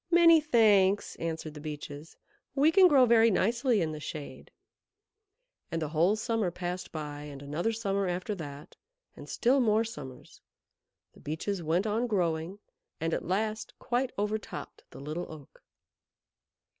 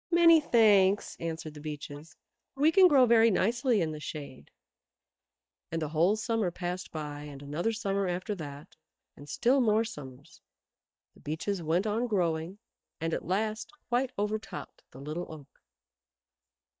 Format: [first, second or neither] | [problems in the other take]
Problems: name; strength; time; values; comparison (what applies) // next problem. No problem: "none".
first | noise reduction (neural mask model DeepFilterNet 3)